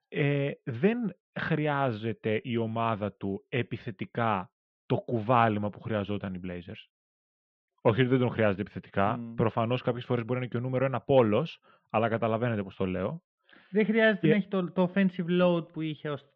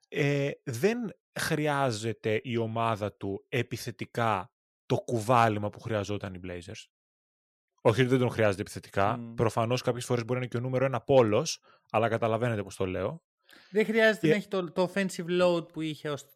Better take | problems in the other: second | muffled; very; fading above 3 kHz

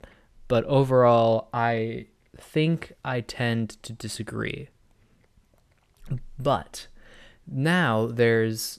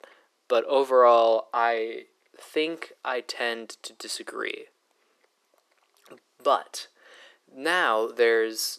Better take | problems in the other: first | thin; very; fading below 350 Hz

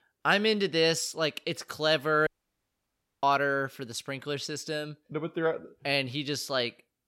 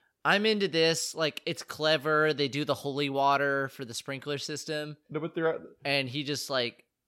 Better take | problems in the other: second | audio cutting out; at 2.5 s for 1 s

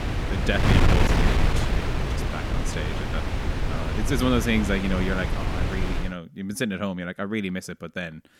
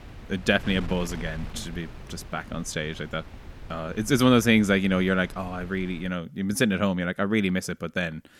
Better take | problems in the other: second | wind noise on the microphone; heavy; until 6 s; 1 dB above the speech; occasional gusts in the second

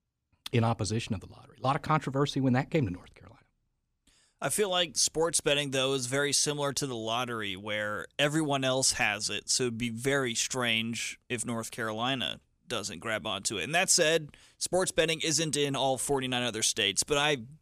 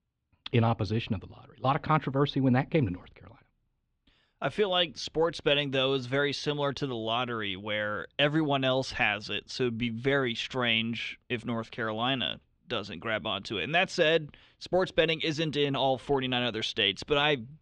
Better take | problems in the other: first | muffled; slightly; fading above 3.5 kHz

